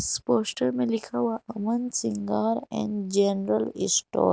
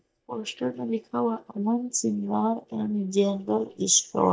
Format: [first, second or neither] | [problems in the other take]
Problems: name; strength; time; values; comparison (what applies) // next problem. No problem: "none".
first | noise reduction (neural mask model DeepFilterNet 3)